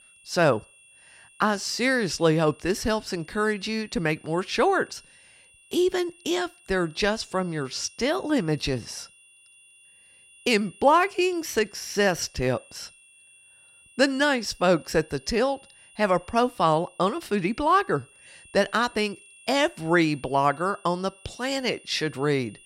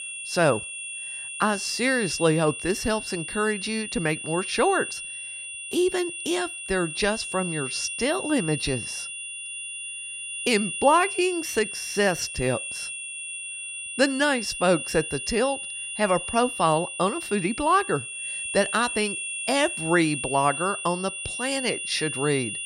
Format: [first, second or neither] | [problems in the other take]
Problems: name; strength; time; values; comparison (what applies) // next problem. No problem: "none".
first | high-pitched whine; loud; throughout; 2.5 kHz, 6 dB below the speech; faint in the first